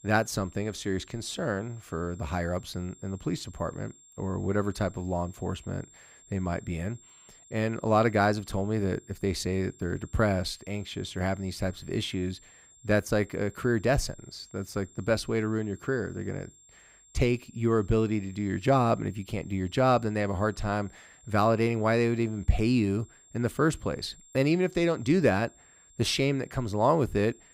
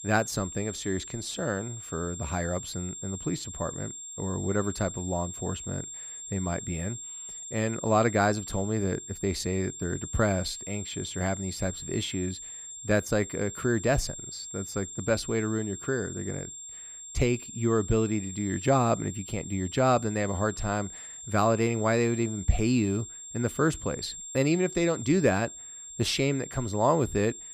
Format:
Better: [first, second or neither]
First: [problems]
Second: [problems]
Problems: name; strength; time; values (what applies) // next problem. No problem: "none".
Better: first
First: high-pitched whine; faint; throughout; 7.5 kHz, 25 dB below the speech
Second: high-pitched whine; loud; throughout; 7.5 kHz, 10 dB below the speech